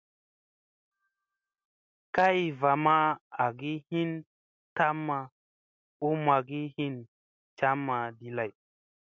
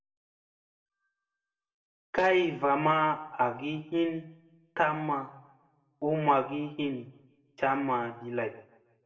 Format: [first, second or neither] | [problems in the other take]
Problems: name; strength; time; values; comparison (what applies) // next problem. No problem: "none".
first | room echo; dies away in 0.7 s